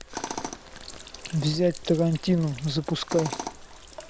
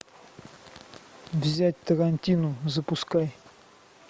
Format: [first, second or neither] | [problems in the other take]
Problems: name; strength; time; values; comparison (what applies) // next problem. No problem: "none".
second | background sound (Sink (filling or washing) + Tools); 11 dB below the speech